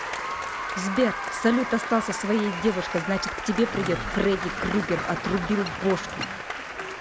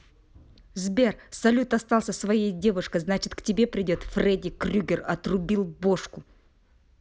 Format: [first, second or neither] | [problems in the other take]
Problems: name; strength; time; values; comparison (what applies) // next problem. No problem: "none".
second | background sound (Applause + Bird); 5 dB below the speech